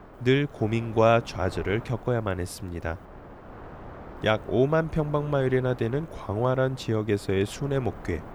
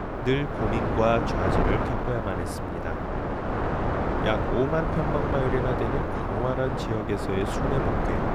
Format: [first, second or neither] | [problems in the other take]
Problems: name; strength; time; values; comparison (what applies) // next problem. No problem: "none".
first | wind noise on the microphone; heavy; 1 dB above the speech; occasional gusts in the first